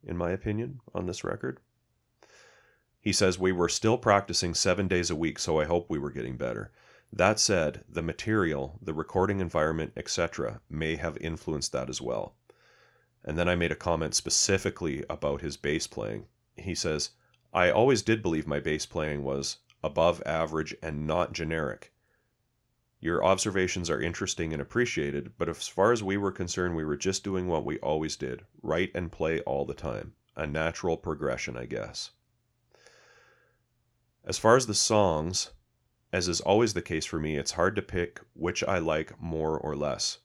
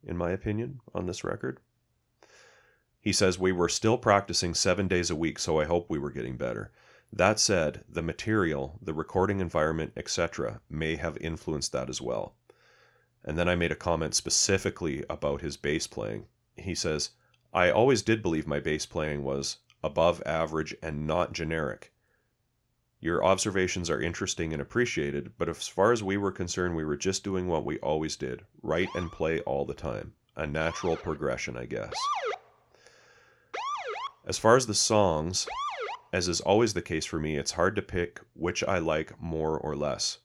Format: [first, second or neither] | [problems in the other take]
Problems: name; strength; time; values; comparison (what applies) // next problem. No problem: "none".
first | siren; noticeable; from 29 to 36 s; peak 1 dB below the speech